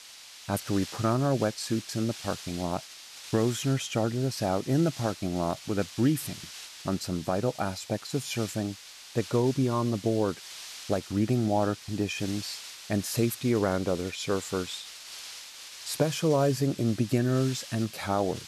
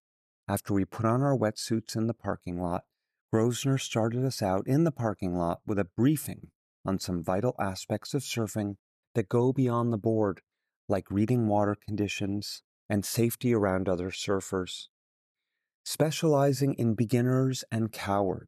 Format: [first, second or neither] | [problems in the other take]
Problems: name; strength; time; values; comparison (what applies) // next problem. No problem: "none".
second | hiss; noticeable; throughout; 15 dB below the speech